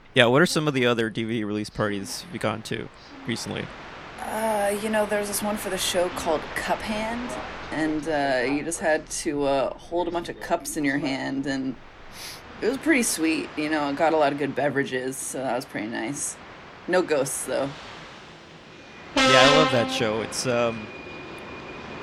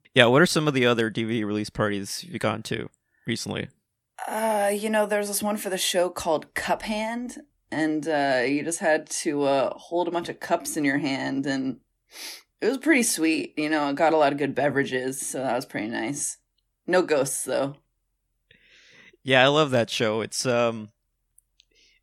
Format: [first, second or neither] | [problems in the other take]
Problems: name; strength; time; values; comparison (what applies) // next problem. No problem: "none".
second | train or aircraft noise; loud; throughout; 5 dB below the speech